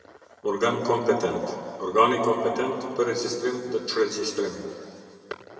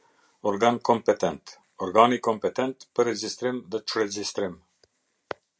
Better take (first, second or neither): second